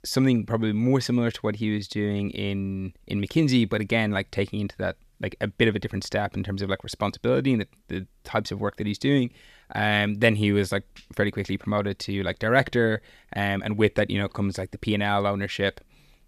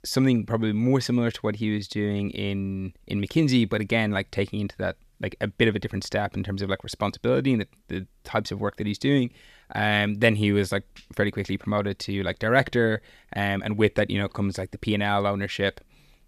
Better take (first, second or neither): neither